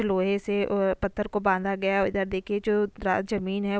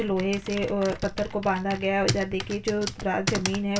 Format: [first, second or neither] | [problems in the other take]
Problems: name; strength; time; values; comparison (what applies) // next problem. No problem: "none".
first | background sound (Computer keyboard); 8 dB below the speech // room echo; dies away in 0.2 s